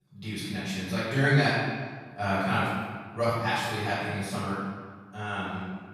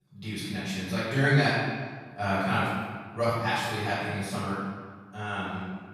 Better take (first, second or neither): neither